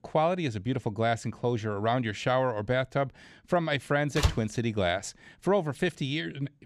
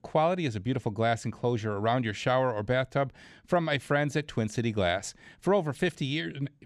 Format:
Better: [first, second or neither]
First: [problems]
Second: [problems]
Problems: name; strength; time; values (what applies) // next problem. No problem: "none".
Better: second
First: door banging; noticeable; at 4 s; peak 1 dB below the speech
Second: none